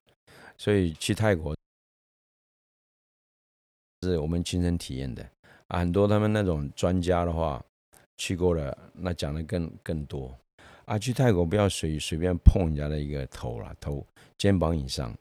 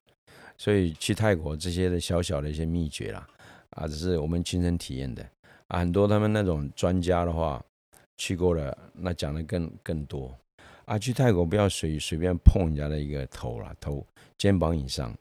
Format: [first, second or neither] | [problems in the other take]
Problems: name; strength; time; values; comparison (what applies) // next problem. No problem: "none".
second | audio cutting out; at 1.5 s for 2.5 s